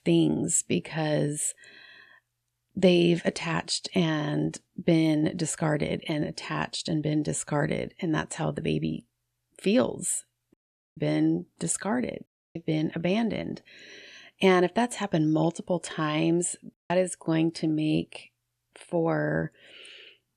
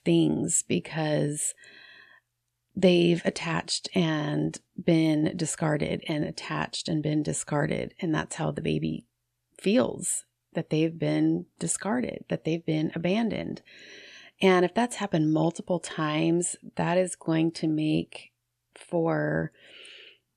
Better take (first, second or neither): second